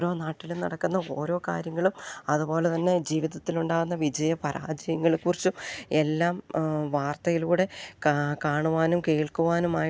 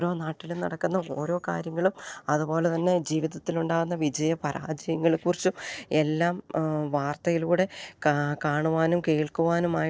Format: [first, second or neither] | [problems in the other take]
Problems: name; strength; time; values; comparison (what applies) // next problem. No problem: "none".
first | noise reduction (neural separator model SepFormer DNS4)